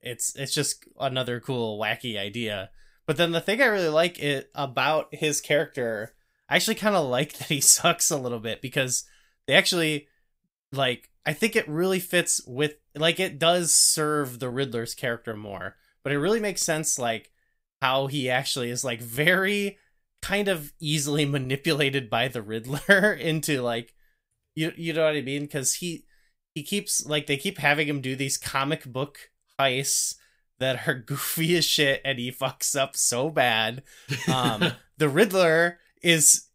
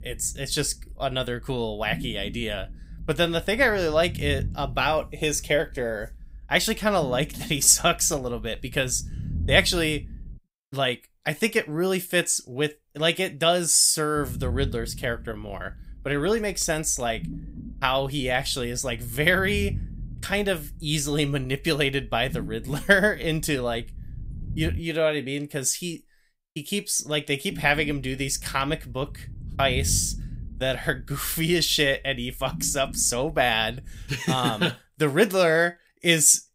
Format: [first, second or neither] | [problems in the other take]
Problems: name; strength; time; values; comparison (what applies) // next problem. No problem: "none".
first | low rumble; faint; until 10 s, from 14 to 25 s and from 28 to 34 s; 25 dB below the speech